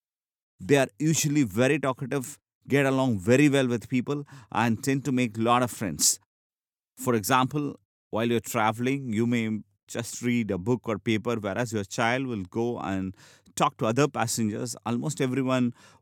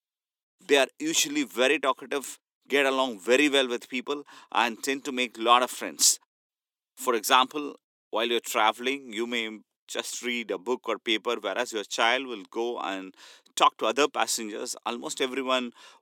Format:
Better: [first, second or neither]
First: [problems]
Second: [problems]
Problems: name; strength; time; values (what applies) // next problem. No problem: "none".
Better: first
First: none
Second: thin; somewhat; fading below 300 Hz